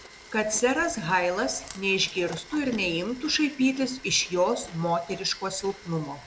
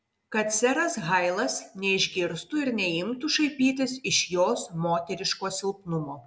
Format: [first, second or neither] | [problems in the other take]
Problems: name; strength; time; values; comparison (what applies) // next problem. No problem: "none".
second | background sound (Domestic sounds, home sounds + Chewing, mastication); 18 dB below the speech